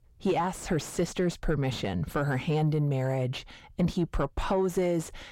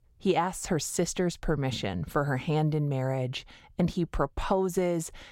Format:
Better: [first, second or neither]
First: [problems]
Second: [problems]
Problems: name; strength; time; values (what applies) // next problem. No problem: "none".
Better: second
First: distortion; slight; 10 dB below the speech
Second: none